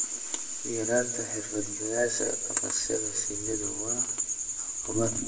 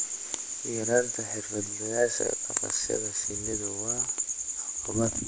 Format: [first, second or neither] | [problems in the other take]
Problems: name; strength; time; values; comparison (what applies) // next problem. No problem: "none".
second | room echo; dies away in 1.3 s